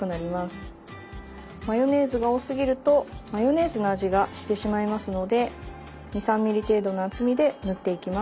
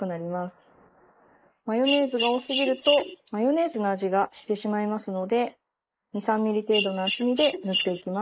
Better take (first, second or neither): first